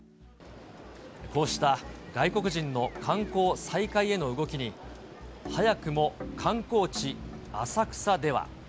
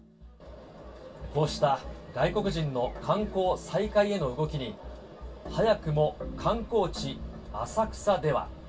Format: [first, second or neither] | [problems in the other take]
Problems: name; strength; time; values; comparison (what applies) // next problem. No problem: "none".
first | room echo; dies away in 0.1 s